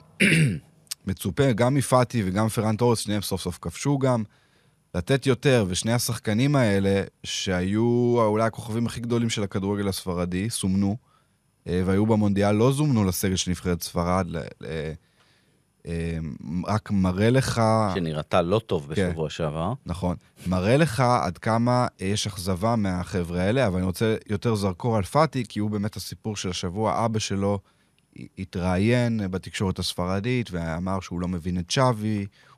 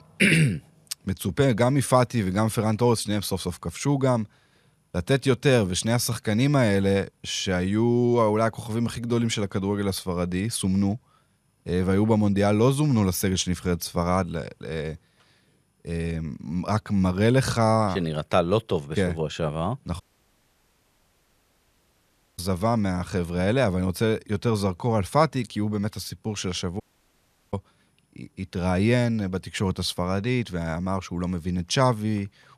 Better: first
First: none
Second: audio cutting out; at 20 s for 2.5 s and at 27 s for 0.5 s

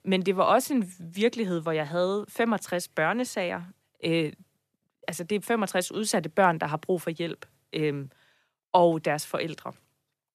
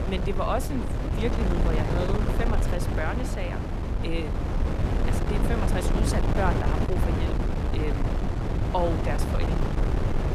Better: first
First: none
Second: wind noise on the microphone; heavy; 1 dB below the speech

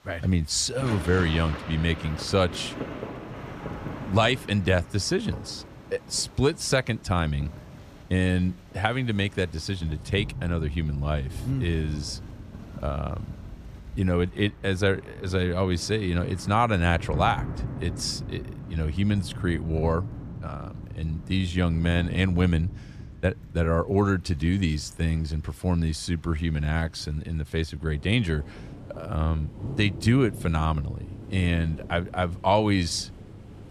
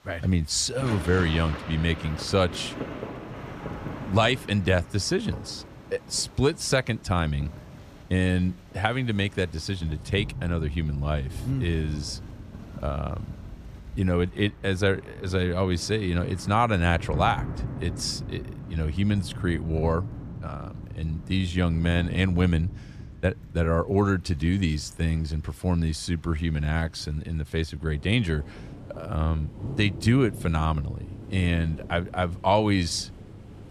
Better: neither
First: rain or running water; noticeable; throughout; 15 dB below the speech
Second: rain or running water; noticeable; throughout; 15 dB below the speech

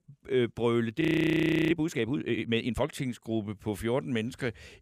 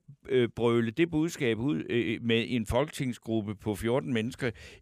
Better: second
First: audio freezing; at 1 s for 0.5 s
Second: none

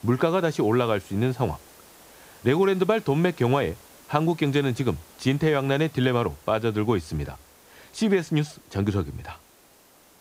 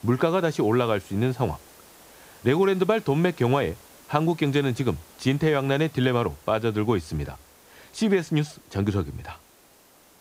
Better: neither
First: hiss; faint; throughout; 25 dB below the speech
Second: hiss; faint; throughout; 25 dB below the speech

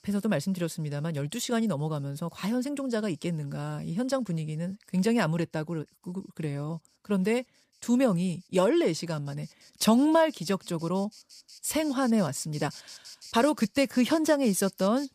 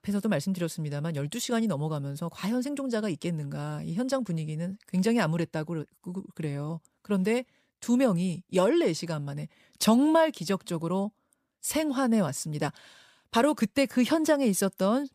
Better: second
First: animal sounds; noticeable; throughout; 20 dB below the speech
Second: none

